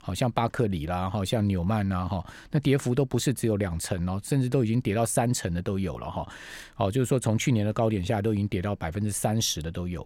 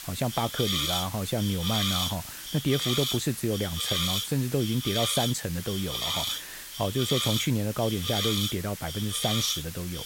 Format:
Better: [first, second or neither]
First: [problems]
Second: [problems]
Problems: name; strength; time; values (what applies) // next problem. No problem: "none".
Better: first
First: none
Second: hiss; loud; throughout; as loud as the speech